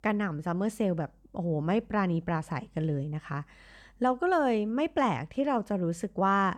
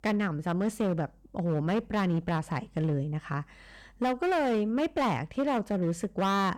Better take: first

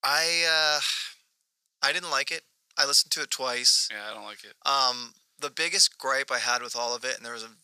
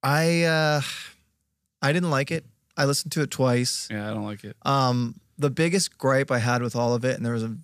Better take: second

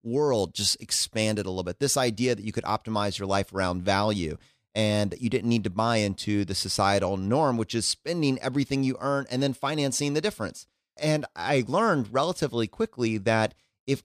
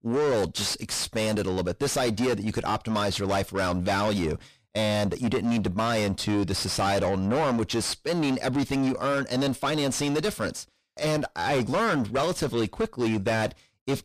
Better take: first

